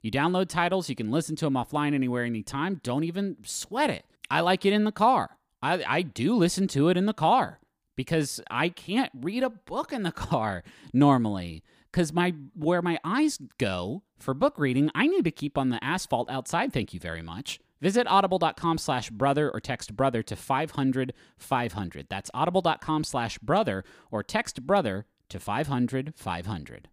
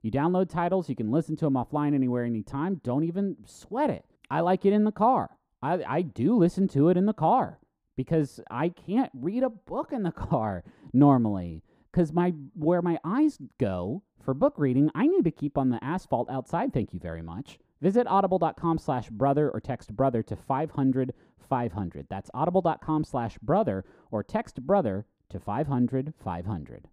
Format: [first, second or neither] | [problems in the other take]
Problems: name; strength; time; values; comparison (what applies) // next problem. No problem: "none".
first | muffled; very; fading above 1.5 kHz